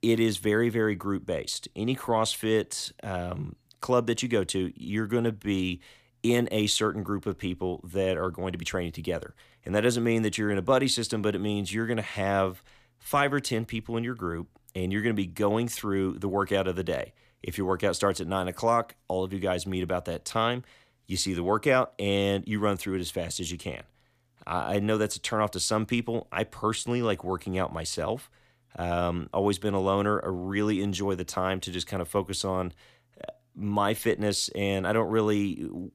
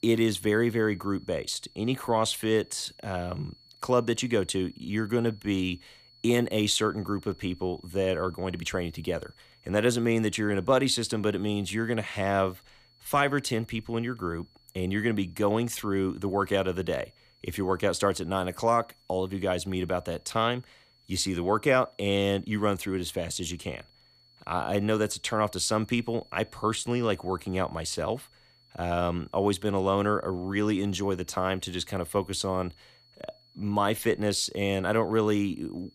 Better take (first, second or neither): first